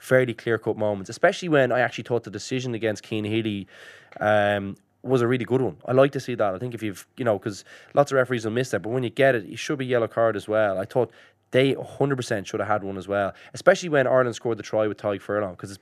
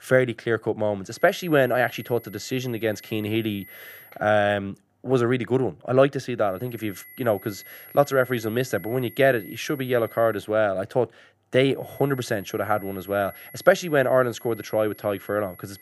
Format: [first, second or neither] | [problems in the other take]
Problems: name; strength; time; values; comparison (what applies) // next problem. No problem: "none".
first | high-pitched whine; noticeable; from 1 to 4 s, from 6.5 to 10 s and from 12 s on; 11.5 kHz, 20 dB below the speech